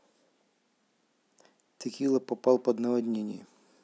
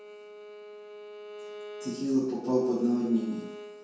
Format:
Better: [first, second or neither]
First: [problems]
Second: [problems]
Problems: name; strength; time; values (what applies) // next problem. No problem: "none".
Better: first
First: none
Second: background sound (Bowed string instrument); 14 dB below the speech // room echo; dies away in 0.6 s